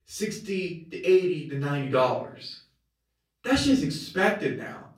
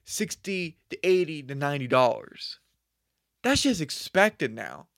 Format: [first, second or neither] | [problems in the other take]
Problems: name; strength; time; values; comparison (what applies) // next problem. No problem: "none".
second | off-mic speech; far // room echo; slight; dies away in 0.4 s